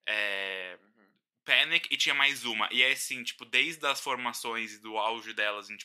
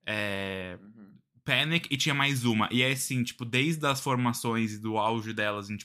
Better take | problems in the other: second | thin; very; fading below 550 Hz

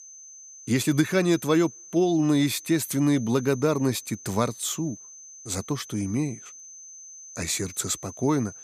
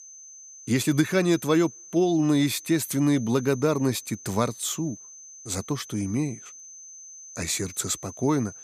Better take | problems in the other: neither | high-pitched whine; noticeable; throughout; 6 kHz, 15 dB below the speech; the same in both

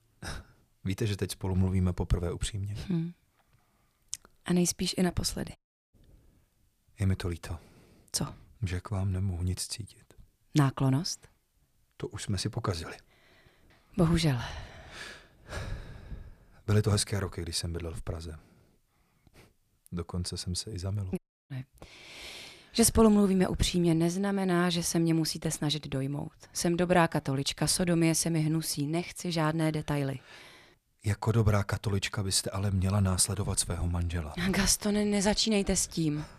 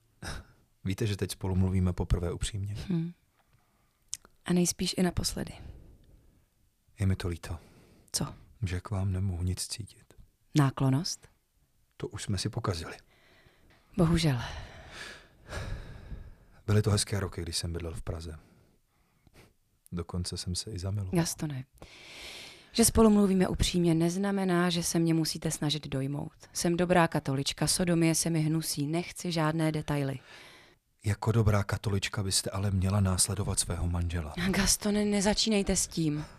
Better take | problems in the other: second | audio cutting out; at 5.5 s and at 21 s

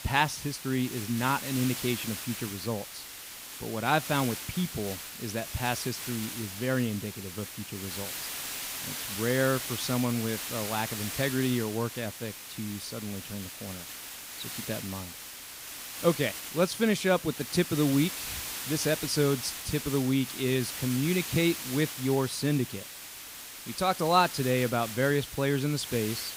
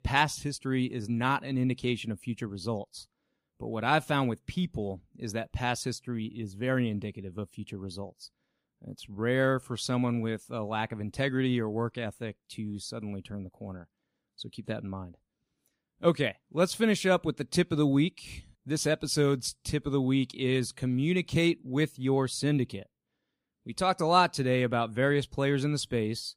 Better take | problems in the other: second | hiss; loud; throughout; 7 dB below the speech

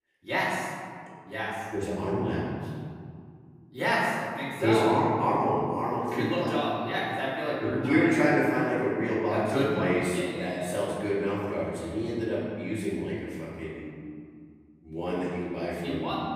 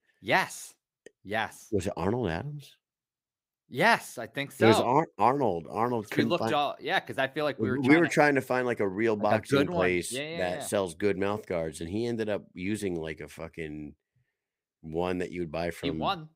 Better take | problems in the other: second | room echo; strong; dies away in 2 s // off-mic speech; far

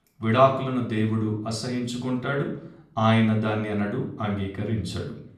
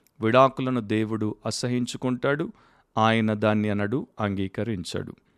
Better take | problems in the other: second | off-mic speech; far // room echo; slight; dies away in 0.5 s

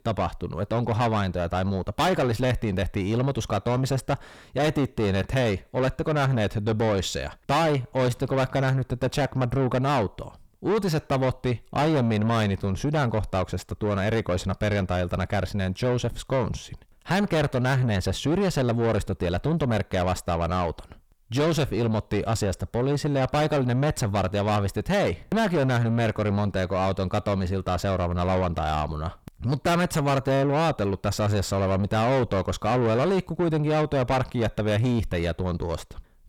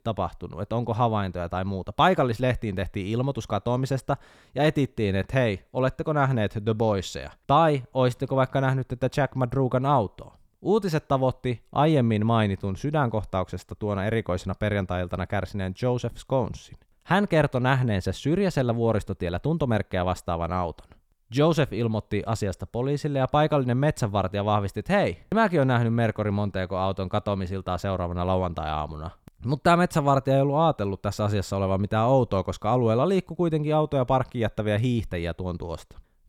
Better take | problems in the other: second | distortion; heavy; 7 dB below the speech

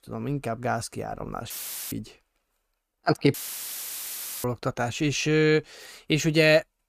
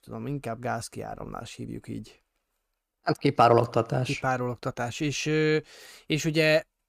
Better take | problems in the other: second | audio cutting out; filled with static; at 1.5 s and at 3.5 s for 1 s

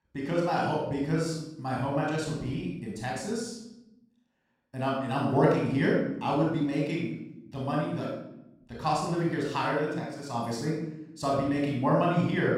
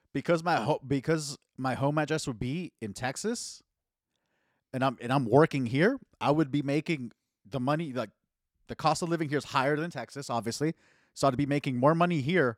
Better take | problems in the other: second | room echo; noticeable; dies away in 0.7 s // off-mic speech; far

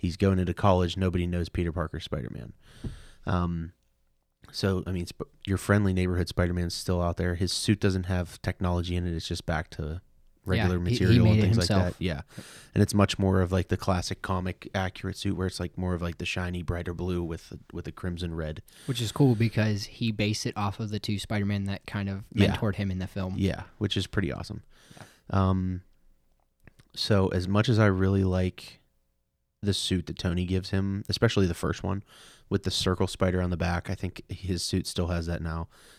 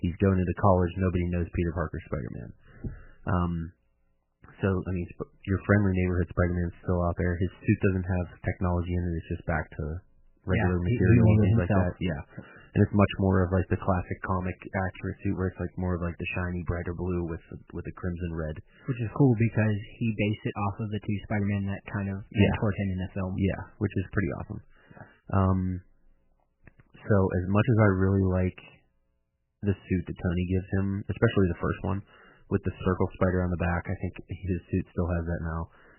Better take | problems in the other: first | garbled, watery; badly; nothing above 3 kHz

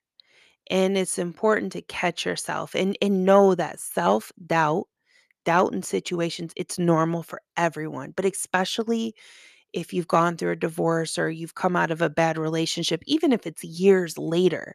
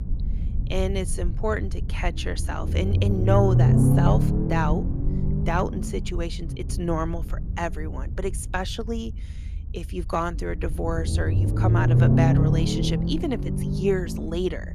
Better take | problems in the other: first | low rumble; loud; throughout; 4 dB below the speech

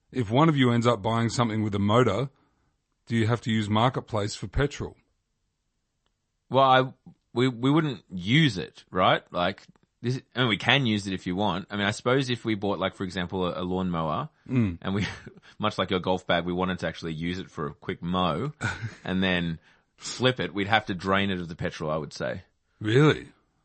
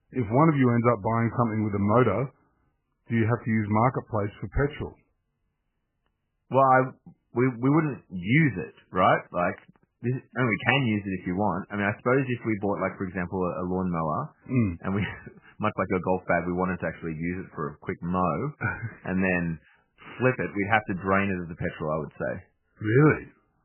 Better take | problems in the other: first | garbled, watery; badly; nothing above 3 kHz; slightly in the first

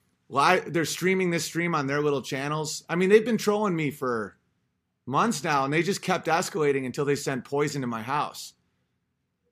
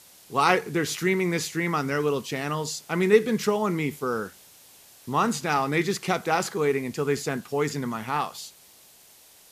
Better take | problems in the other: first | hiss; faint; throughout; 25 dB below the speech

